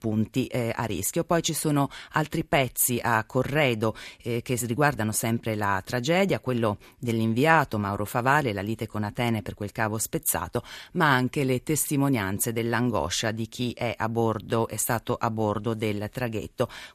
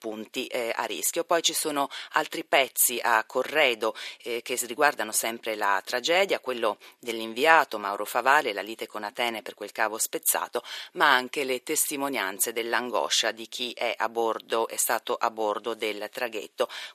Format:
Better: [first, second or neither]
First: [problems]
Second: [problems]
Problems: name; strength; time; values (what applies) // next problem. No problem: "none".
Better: first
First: none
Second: thin; very; fading below 400 Hz